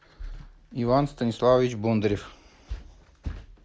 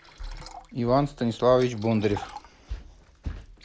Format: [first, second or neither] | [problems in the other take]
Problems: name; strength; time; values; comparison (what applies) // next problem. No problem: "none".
first | background sound (Liquid); 20 dB below the speech